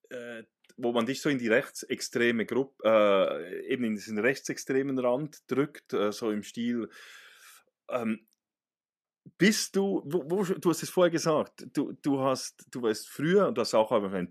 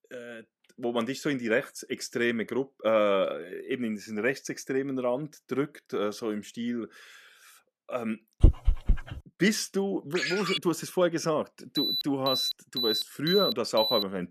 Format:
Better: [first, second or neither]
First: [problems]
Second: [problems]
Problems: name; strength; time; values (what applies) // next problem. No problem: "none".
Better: first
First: none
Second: dog barking; loud; at 8.5 s; peak 5 dB above the speech // phone ringing; loud; at 10 s; peak 1 dB above the speech // alarm; loud; from 12 s on; peak 2 dB above the speech